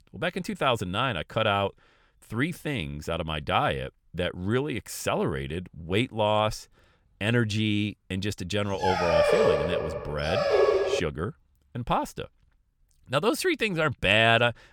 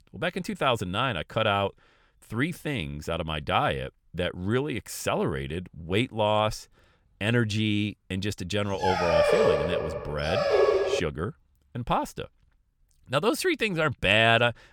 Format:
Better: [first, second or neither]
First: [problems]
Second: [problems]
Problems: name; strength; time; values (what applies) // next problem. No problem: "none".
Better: neither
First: dog barking; loud; from 9 to 11 s; peak 6 dB above the speech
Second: dog barking; loud; from 9 to 11 s; peak 6 dB above the speech